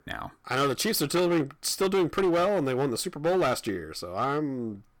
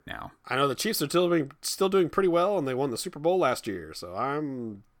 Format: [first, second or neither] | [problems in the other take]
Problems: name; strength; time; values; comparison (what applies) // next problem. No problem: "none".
second | distortion; slight; 11% of the sound clipped